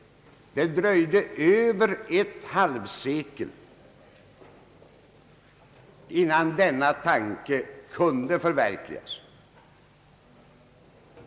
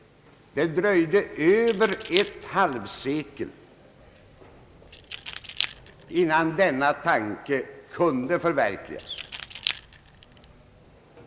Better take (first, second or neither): first